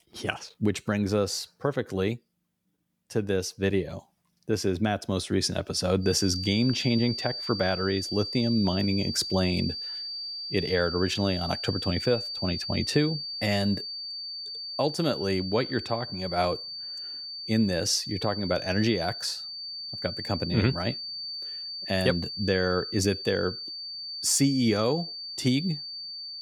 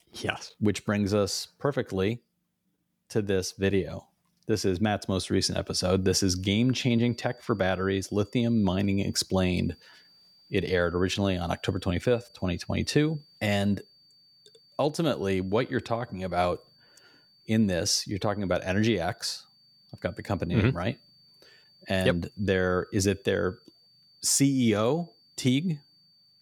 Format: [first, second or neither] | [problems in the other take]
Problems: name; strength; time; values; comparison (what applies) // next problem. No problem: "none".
second | high-pitched whine; loud; from 6 s on; 4.5 kHz, 6 dB below the speech; faint in the second